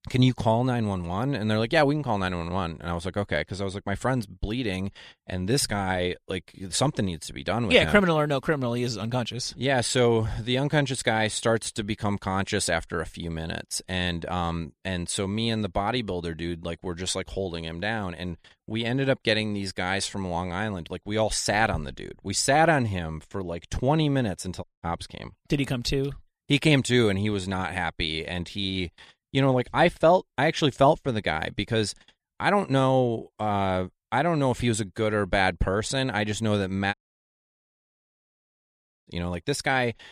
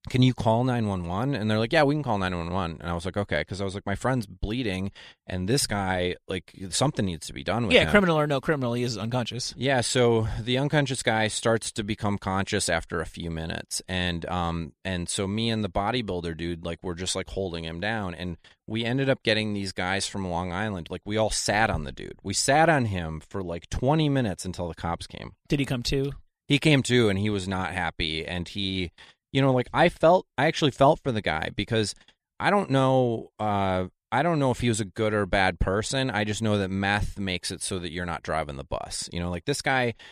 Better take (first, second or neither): second